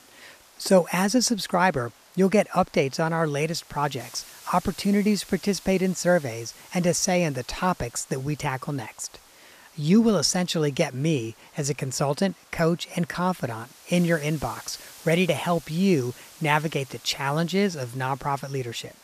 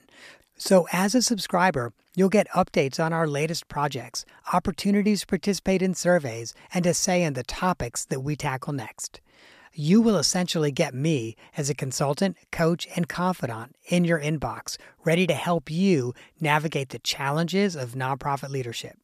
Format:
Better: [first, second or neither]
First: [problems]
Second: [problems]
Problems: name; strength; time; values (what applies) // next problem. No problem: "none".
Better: second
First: hiss; faint; throughout; 20 dB below the speech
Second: none